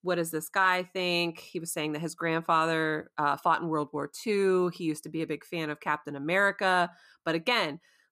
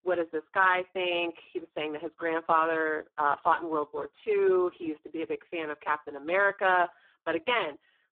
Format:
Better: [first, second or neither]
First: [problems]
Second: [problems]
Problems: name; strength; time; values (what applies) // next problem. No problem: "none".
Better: first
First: none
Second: phone-call audio; poor line